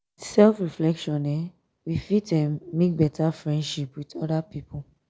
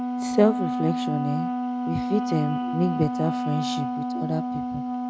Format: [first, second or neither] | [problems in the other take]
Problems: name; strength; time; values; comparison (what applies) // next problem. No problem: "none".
first | background sound (Wind instrument, woodwind instrument); 1 dB below the speech